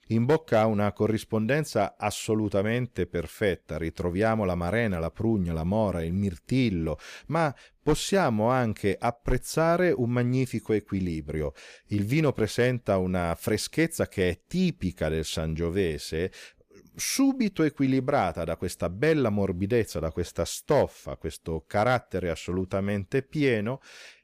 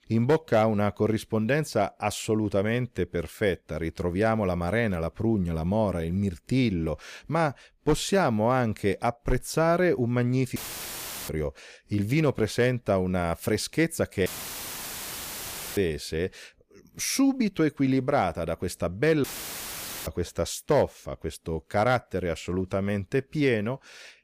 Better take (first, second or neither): first